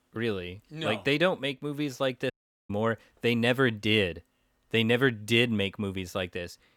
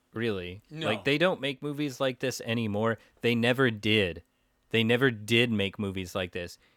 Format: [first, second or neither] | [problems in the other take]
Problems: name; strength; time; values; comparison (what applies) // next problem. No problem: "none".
second | audio cutting out; at 2.5 s